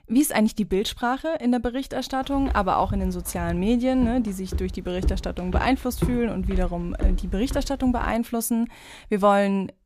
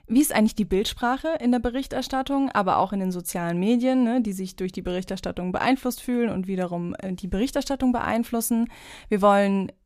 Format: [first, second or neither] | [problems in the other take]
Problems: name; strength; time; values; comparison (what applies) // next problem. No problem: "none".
second | footsteps; noticeable; from 2.5 to 8 s; peak 3 dB below the speech